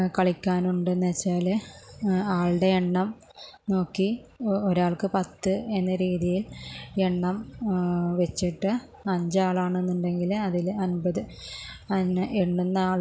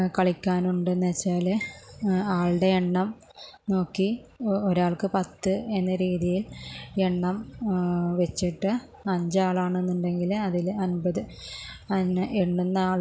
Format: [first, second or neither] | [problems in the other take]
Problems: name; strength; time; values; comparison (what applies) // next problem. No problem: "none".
first | background sound (Marimba, xylophone); 19 dB below the speech